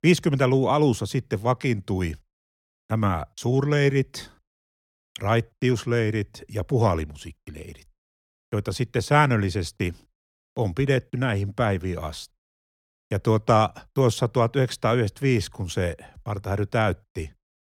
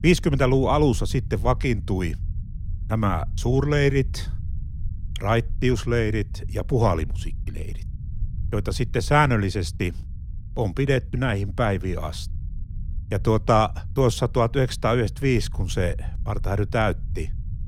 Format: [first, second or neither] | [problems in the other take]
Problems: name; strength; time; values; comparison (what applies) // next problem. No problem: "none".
first | low rumble; faint; throughout; 25 dB below the speech